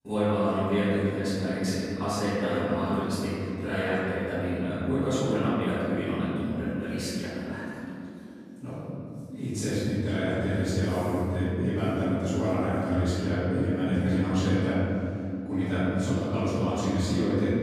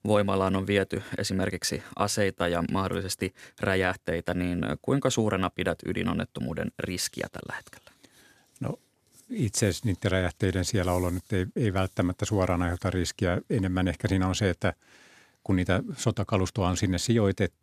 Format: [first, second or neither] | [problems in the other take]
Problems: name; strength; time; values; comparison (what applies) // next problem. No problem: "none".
second | off-mic speech; far // room echo; strong; dies away in 3 s